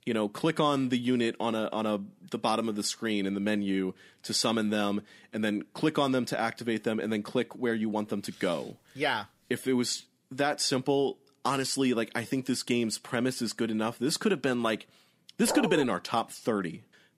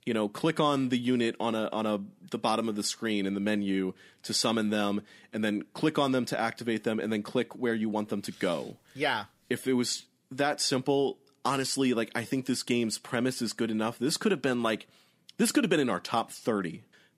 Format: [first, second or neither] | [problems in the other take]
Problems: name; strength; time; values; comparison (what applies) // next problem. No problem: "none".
second | dog barking; noticeable; at 15 s; peak 3 dB below the speech